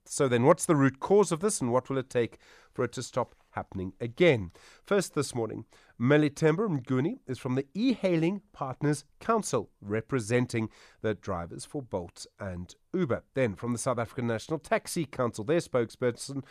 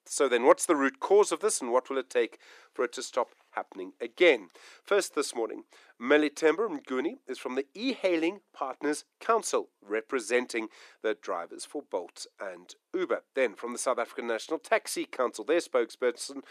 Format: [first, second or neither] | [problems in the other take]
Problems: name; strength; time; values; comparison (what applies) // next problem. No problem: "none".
first | thin; somewhat; fading below 300 Hz